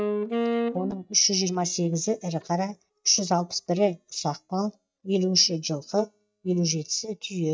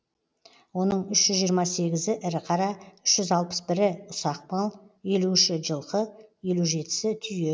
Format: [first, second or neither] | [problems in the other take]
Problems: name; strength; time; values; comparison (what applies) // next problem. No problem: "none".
second | noise reduction (neural mask model DeepFilterNet 3)